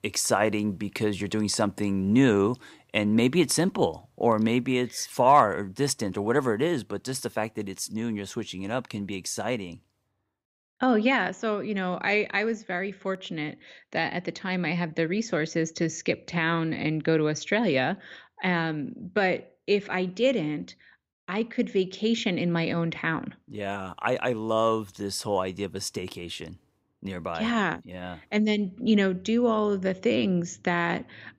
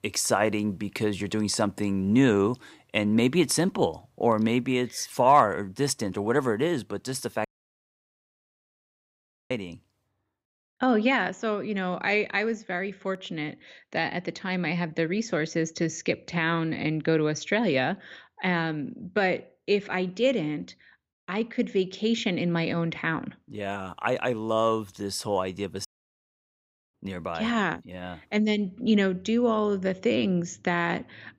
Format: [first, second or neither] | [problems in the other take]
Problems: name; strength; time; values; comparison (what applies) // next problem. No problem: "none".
first | audio cutting out; at 7.5 s for 2 s and at 26 s for 1 s